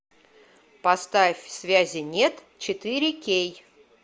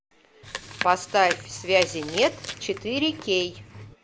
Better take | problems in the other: first | background sound (Chewing, mastication); 11 dB below the speech

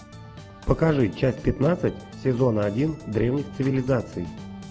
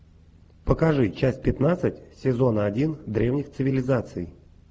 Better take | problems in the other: second | background sound (Organ); 16 dB below the speech

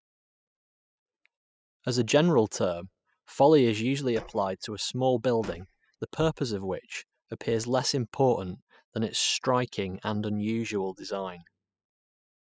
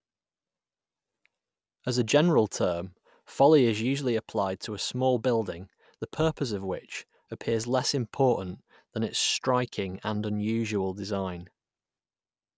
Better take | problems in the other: second | noise reduction (classical method spectral subtraction)

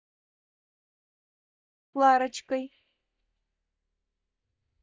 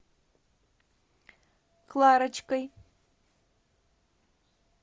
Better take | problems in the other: second | noise reduction (neural mask model DeepFilterNet 3)

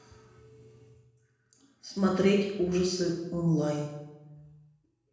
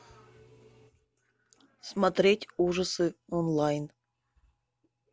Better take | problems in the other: second | room echo; dies away in 1 s

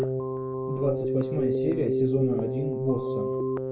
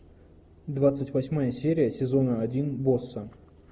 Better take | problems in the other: second | background sound (Keyboard (musical)); 2 dB above the speech // room echo; dies away in 0.3 s

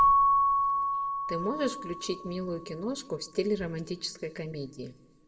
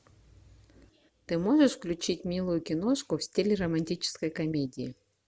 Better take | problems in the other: second | background sound (Keyboard (musical) / Bell); 5 dB above the speech // room echo; dies away in 1.1 s

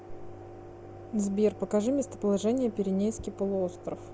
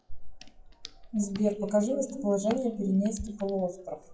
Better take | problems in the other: first | noise reduction (classical method WPE with log-MMSE)

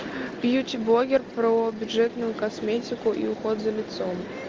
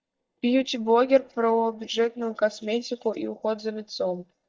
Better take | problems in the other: first | noise reduction (neural mask model DeepFilterNet 3)

